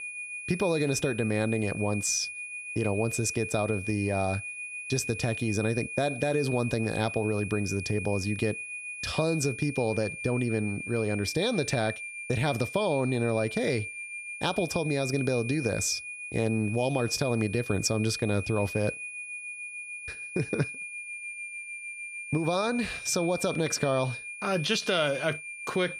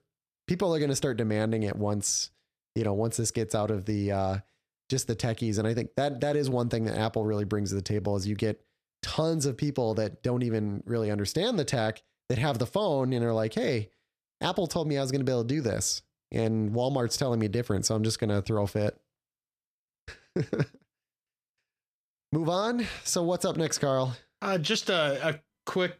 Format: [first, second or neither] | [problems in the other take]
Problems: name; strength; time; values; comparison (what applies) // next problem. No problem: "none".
second | high-pitched whine; loud; throughout; 2.5 kHz, 7 dB below the speech